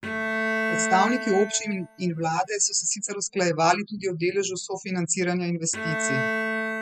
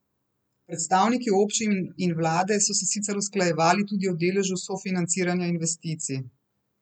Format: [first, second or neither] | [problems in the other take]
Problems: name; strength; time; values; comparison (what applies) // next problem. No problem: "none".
second | noise reduction (classical method spectral subtraction)